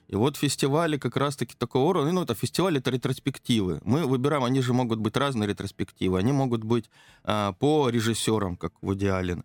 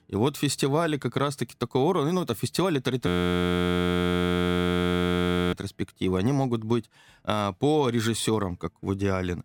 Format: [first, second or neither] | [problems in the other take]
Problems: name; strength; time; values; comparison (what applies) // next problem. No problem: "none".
first | audio freezing; at 3 s for 2.5 s